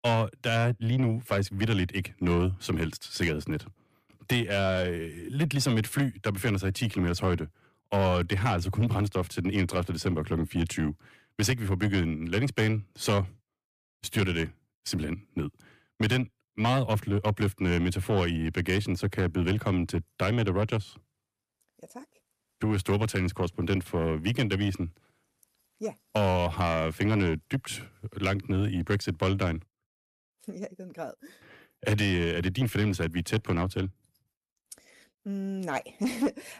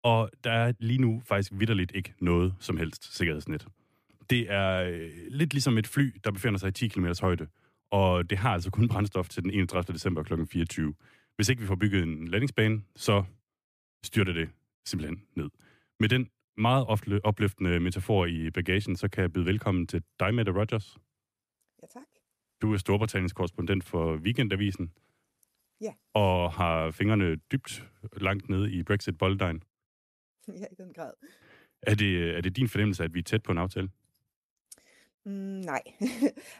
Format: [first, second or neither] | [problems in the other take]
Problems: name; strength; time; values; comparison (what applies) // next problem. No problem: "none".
second | distortion; slight; 10 dB below the speech